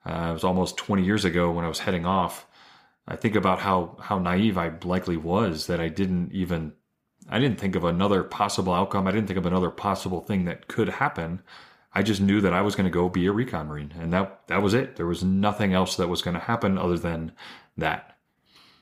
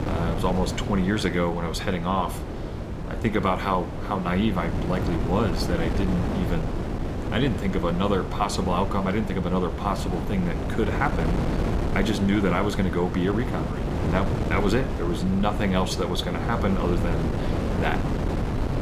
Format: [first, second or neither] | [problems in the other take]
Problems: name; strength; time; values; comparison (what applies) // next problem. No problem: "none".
first | wind noise on the microphone; heavy; 6 dB below the speech